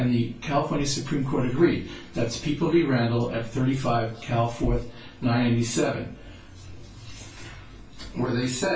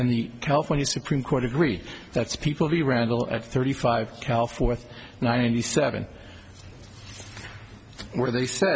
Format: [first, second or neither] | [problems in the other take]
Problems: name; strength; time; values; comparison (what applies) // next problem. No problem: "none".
second | room echo; dies away in 0.3 s